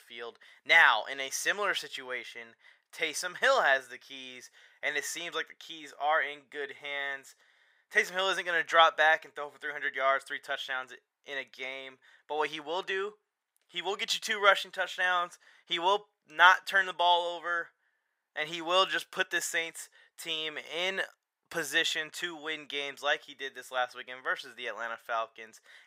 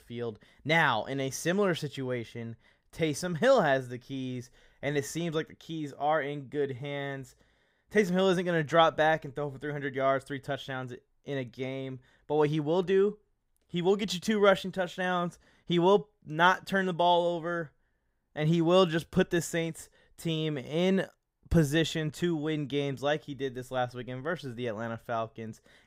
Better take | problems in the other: second | thin; very; fading below 850 Hz

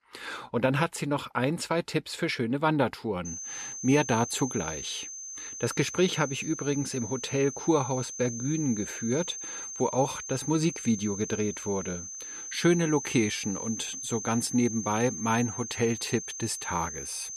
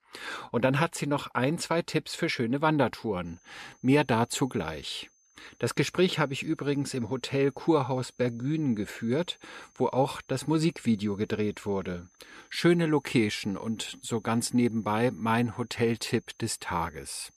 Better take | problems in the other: second | high-pitched whine; loud; from 3.5 s on; 6.5 kHz, 7 dB below the speech; faint in the second

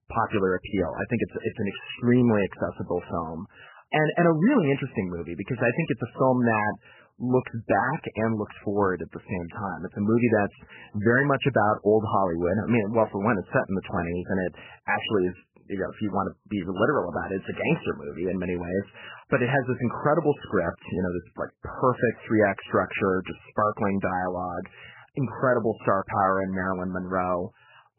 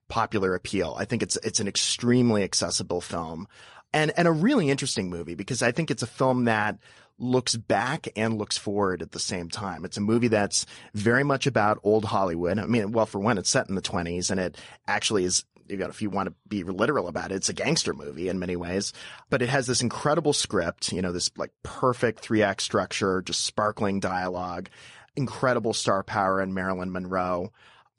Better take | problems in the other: second | garbled, watery; badly; nothing above 3 kHz; slightly in the second

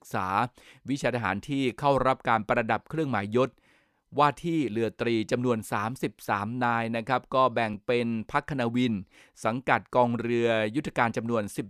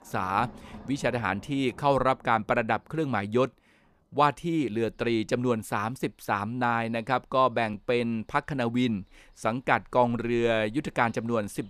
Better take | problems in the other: first | rain or running water; faint; throughout; 25 dB below the speech

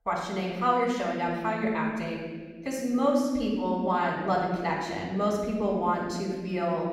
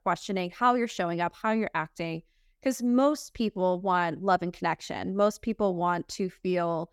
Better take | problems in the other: second | room echo; noticeable; dies away in 1.6 s // off-mic speech; far

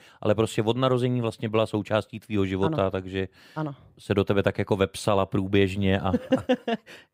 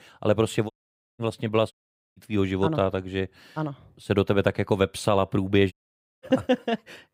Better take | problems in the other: first | audio cutting out; at 0.5 s, at 1.5 s and at 5.5 s for 0.5 s

